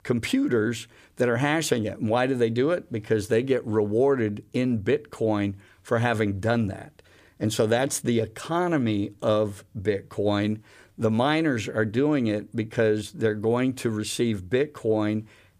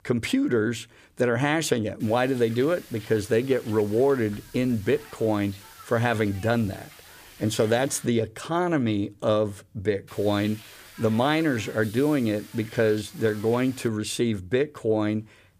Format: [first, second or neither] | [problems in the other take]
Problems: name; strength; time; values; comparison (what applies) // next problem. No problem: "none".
first | hiss; faint; from 2 to 8 s and from 10 to 14 s; 20 dB below the speech